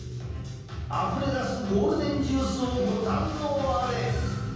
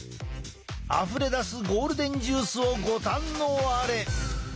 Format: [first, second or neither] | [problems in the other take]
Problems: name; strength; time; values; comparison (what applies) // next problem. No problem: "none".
second | room echo; dies away in 1.3 s